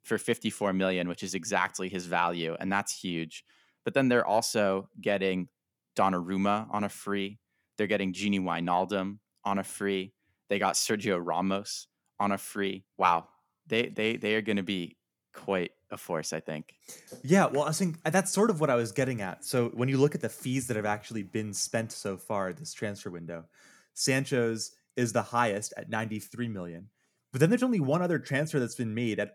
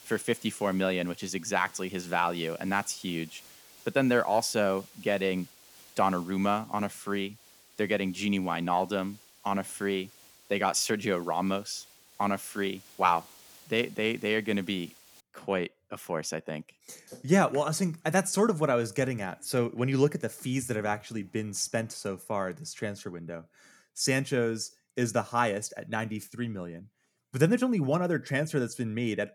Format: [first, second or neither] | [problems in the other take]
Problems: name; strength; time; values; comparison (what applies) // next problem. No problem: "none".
first | hiss; faint; until 15 s; 25 dB below the speech